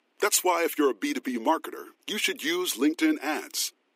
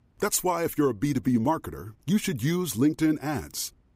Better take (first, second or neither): second